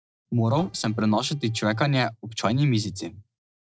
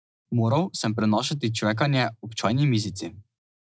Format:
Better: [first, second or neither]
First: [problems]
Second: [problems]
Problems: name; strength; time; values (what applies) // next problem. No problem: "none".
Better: second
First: noise reduction (neural separator model SepFormer DNS4)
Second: none